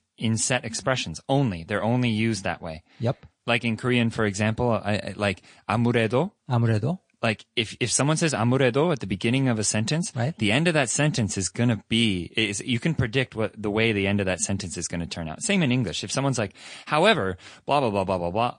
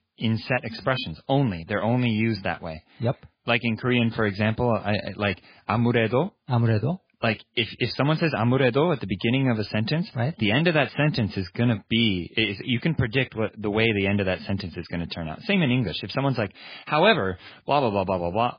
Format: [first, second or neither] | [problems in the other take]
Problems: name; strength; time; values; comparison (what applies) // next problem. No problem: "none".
first | garbled, watery; badly; nothing above 5 kHz; slightly in the first